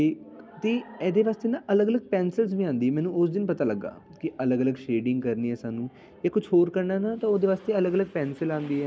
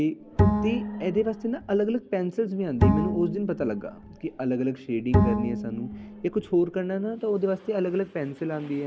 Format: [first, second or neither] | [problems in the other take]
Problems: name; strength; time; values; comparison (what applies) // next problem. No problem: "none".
first | background sound (Bowed string instrument); as loud as the speech